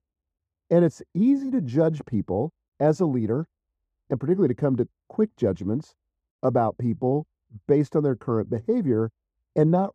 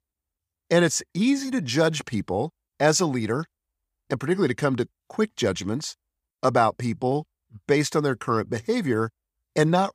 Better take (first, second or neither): second